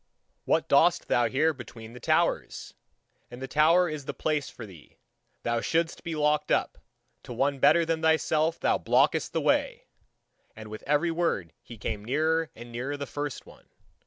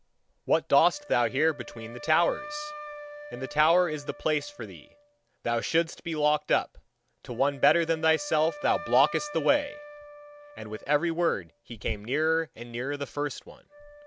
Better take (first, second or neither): first